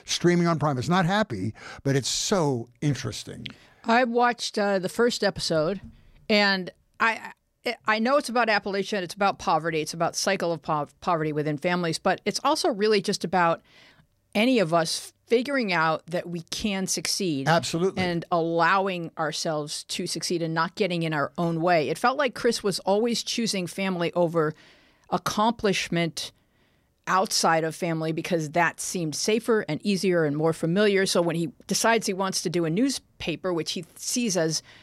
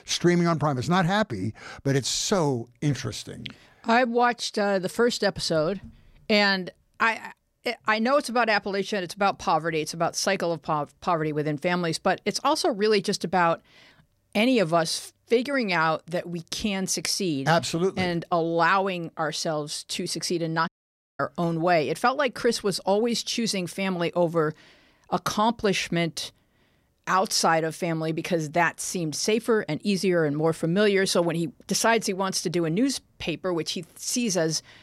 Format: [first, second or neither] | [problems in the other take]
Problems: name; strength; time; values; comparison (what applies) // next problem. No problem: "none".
first | audio cutting out; at 21 s for 0.5 s